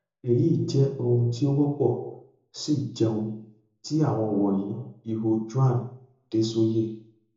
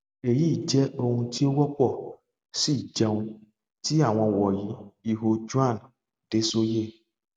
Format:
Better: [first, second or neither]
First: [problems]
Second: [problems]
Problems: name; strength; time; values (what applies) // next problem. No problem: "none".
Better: second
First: room echo; dies away in 0.5 s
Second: none